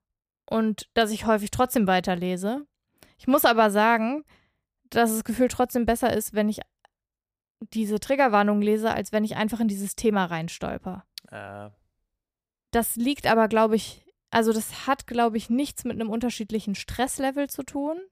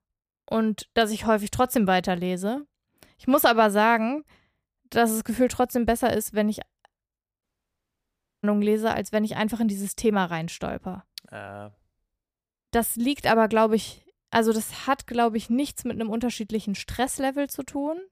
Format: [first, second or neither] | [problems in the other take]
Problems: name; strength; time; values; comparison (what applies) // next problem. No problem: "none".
first | audio cutting out; at 7.5 s for 1 s